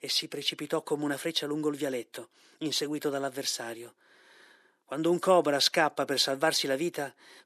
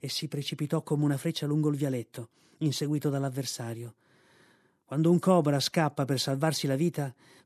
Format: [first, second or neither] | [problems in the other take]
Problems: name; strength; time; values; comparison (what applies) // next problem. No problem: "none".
second | thin; somewhat; fading below 450 Hz